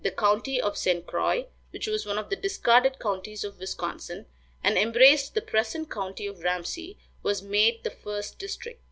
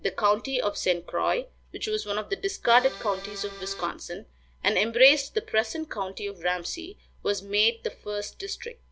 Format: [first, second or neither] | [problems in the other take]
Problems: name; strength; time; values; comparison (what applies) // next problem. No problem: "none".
first | background sound (Accordion); 13 dB below the speech